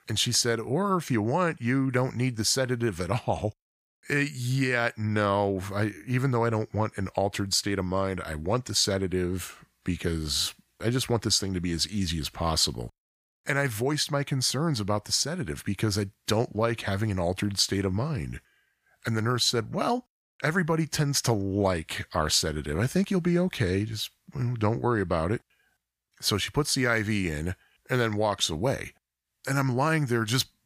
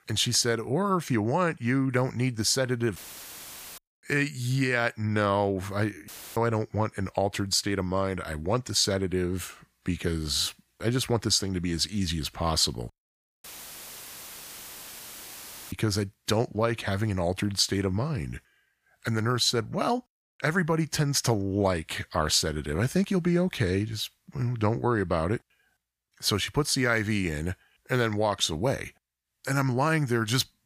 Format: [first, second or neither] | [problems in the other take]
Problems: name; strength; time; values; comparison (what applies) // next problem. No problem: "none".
first | audio cutting out; filled with static; at 3 s for 1 s, at 6 s and at 13 s for 2.5 s